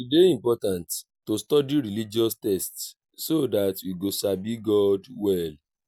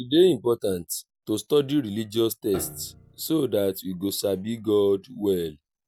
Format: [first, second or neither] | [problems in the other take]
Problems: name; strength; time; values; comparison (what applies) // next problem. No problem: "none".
first | background sound (Piano); 19 dB below the speech